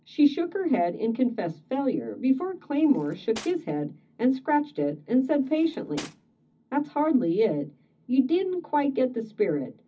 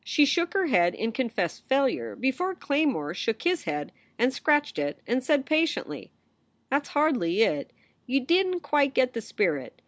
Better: second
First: background sound (Cutlery, silverware); 19 dB below the speech // room echo; dies away in 0.4 s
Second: none

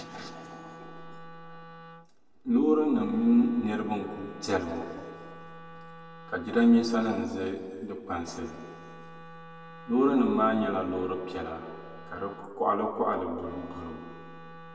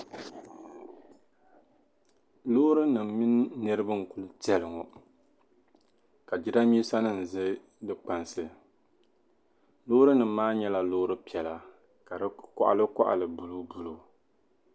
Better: second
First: background sound (Wind instrument, woodwind instrument); 18 dB below the speech // room echo; dies away in 1.8 s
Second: none

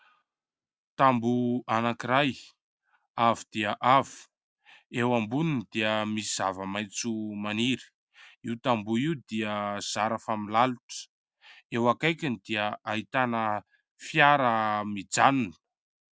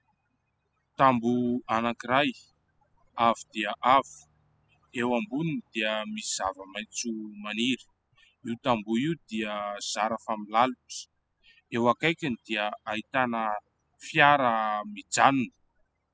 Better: first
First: none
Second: noise reduction (classical method spectral subtraction)

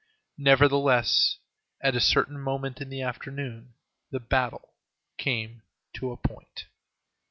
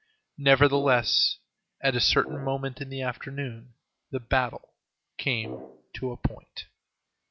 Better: first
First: none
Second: background sound (Brass instrument); 15 dB below the speech

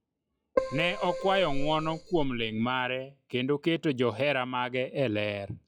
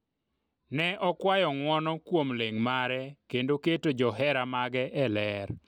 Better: second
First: noise reduction (classical method log-MMSE)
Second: none

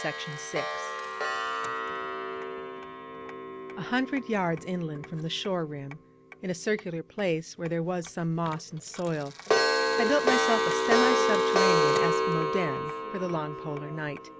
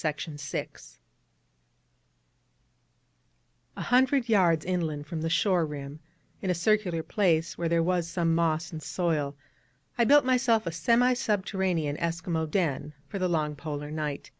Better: second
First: background sound (Clock); 2 dB above the speech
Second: none

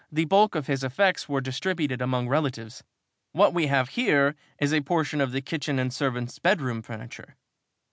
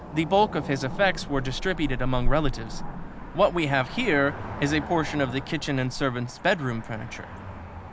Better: first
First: none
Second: background sound (Cricket / Motor vehicle (road)); 5 dB below the speech

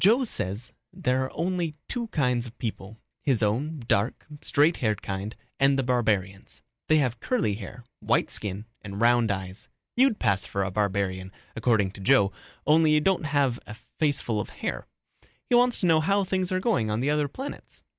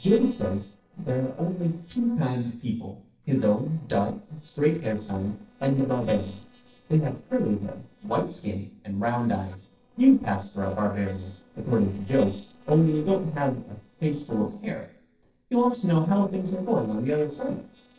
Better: first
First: none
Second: noise reduction (neural separator model SepFormer DNS4)

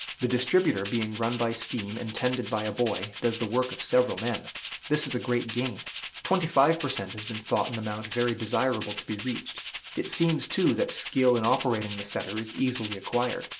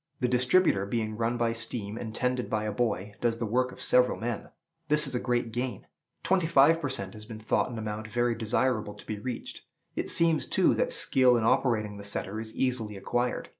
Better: second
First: background sound (Rattle (instrument)); 11 dB below the speech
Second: none

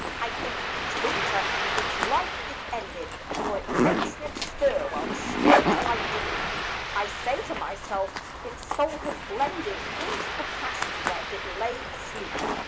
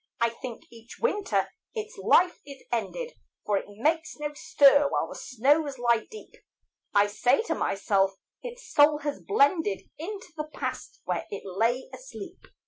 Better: second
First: background sound (Zipper (clothing) + Ocean); 4 dB above the speech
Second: none

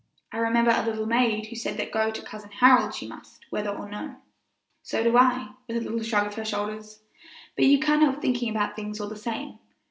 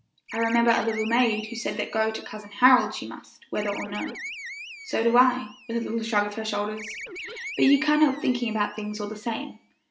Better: first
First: none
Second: background sound (Animal); 15 dB below the speech

